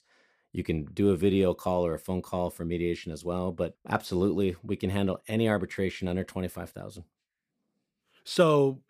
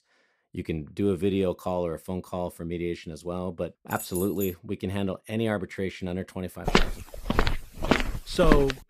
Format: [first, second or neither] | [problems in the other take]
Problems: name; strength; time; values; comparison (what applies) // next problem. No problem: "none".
first | jangling keys; noticeable; at 4 s; peak 6 dB below the speech // footsteps; loud; from 6.5 s on; peak 5 dB above the speech